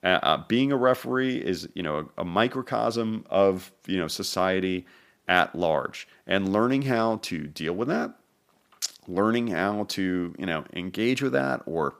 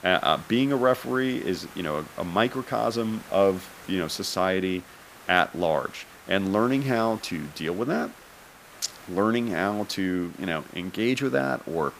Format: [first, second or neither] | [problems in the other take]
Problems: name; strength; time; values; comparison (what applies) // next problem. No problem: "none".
first | hiss; noticeable; throughout; 20 dB below the speech